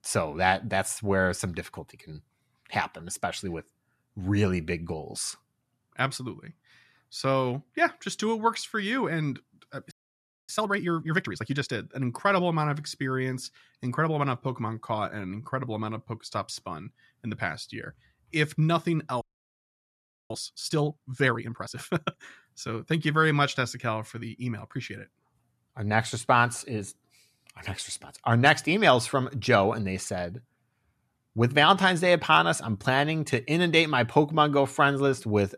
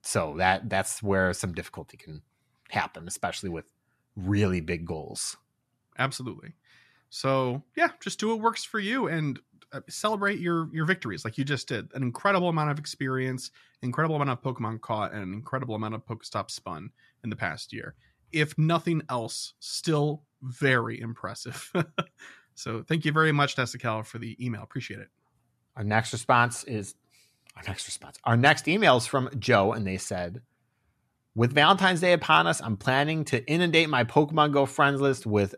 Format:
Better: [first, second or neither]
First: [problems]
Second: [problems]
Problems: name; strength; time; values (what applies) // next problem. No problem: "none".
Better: second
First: audio freezing; at 10 s for 0.5 s and at 19 s for 1 s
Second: none